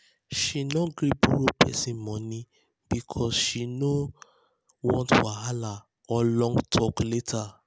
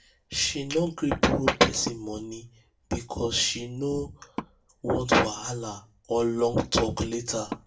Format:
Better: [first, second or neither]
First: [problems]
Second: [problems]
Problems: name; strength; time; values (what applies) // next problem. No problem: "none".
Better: first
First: none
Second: background sound (Wood); 19 dB below the speech // room echo; dies away in 0.2 s